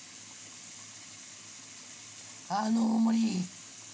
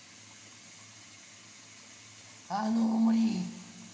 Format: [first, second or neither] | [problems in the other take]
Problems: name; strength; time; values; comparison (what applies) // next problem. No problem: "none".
first | room echo; dies away in 2.1 s